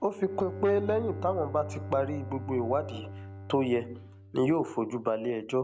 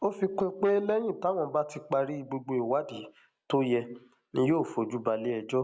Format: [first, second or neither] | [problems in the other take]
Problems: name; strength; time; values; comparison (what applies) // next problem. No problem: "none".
second | background sound (Bowed string instrument); 11 dB below the speech